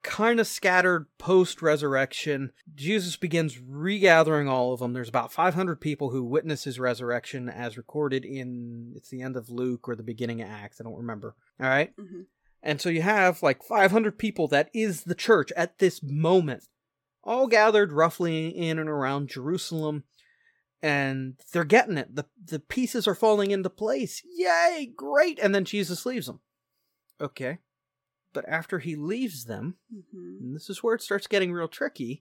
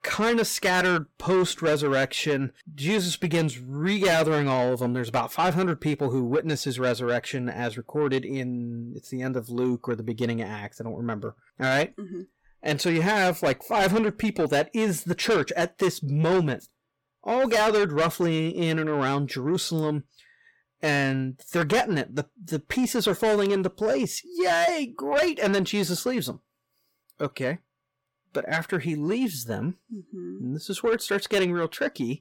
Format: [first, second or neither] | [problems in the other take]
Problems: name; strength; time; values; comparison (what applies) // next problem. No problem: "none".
first | distortion; heavy; 7 dB below the speech